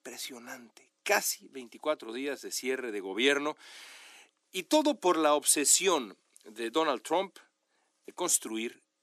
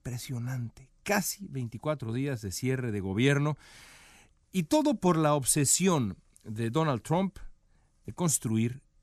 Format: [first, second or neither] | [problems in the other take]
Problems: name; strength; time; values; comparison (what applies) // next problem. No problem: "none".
second | thin; somewhat; fading below 300 Hz